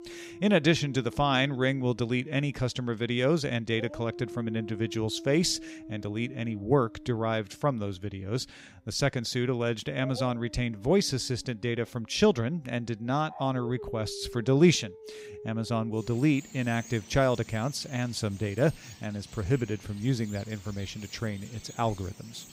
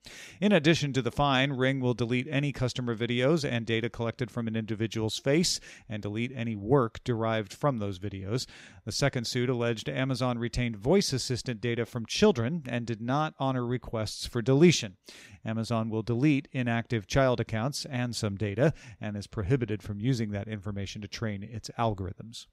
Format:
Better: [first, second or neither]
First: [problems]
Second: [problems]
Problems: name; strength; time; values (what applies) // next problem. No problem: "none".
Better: second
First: animal sounds; noticeable; throughout; 15 dB below the speech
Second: none